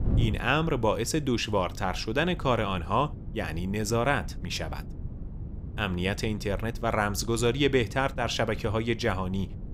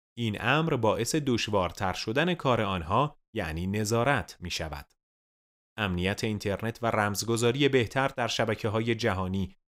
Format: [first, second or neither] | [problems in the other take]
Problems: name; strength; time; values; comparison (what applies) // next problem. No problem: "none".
second | wind noise on the microphone; occasional gusts; 20 dB below the speech